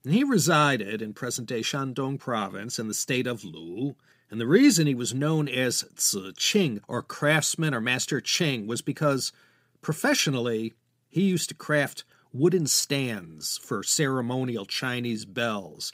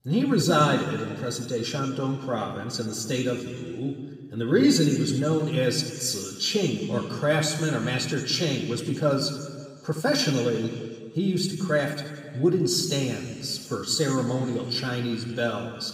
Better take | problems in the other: first | room echo; noticeable; dies away in 1.7 s // off-mic speech; somewhat distant

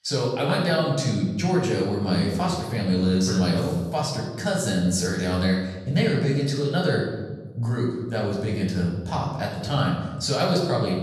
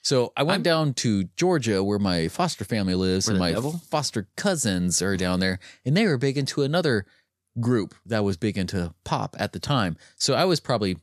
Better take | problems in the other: second | off-mic speech; far // room echo; noticeable; dies away in 1.2 s

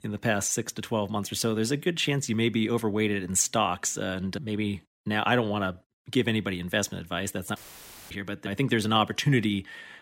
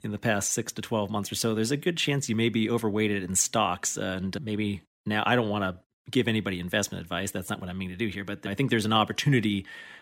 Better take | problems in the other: second | audio cutting out; filled with static; at 7.5 s for 0.5 s

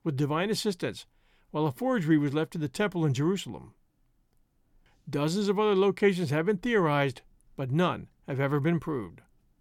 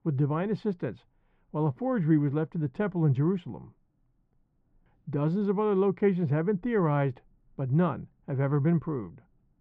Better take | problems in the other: first | muffled; very; fading above 1.5 kHz

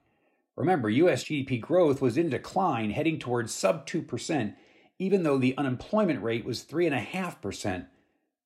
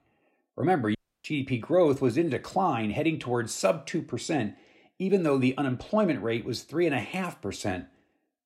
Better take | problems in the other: first | audio cutting out; at 1 s

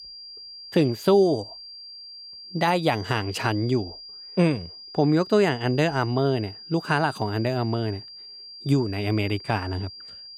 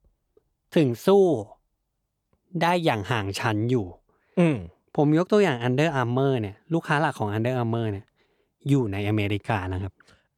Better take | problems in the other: second | high-pitched whine; noticeable; throughout; 4.5 kHz, 15 dB below the speech

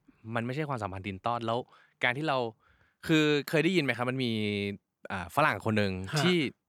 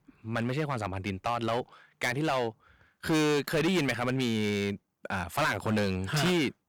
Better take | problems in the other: first | distortion; heavy; 11% of the sound clipped

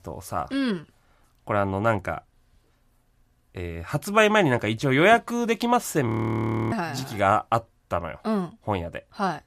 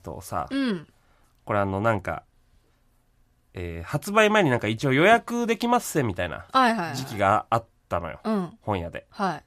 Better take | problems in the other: second | audio freezing; at 6 s for 0.5 s

